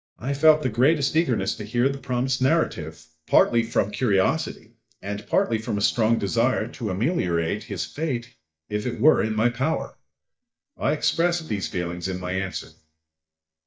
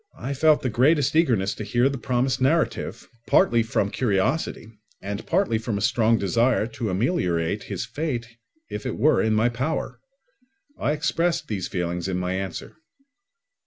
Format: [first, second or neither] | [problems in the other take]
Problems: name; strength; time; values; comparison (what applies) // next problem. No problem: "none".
second | noise reduction (neural mask model DeepFilterNet 3)